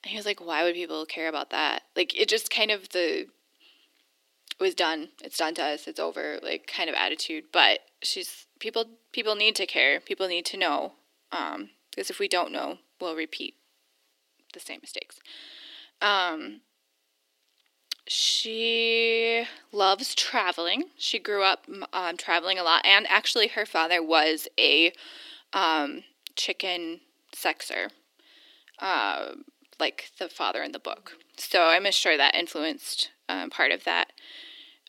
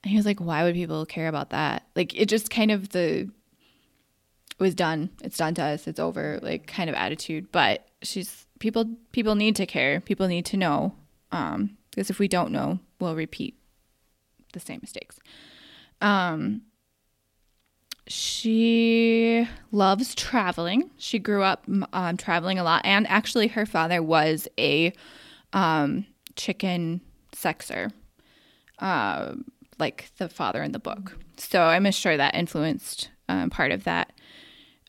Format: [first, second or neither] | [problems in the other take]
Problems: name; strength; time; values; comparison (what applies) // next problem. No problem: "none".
second | thin; very; fading below 300 Hz